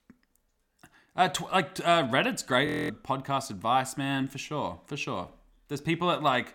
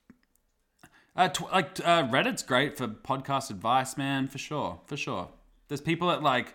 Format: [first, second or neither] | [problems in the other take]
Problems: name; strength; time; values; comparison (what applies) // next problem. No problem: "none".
second | audio freezing; at 2.5 s